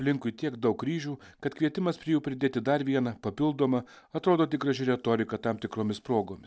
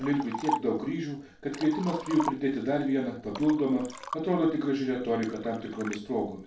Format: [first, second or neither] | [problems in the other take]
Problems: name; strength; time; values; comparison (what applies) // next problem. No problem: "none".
first | background sound (Liquid); 11 dB below the speech // room echo; dies away in 0.3 s